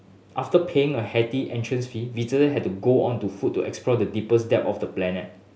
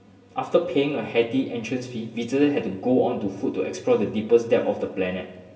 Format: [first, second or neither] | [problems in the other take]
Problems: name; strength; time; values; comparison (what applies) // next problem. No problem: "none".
first | room echo; dies away in 1.5 s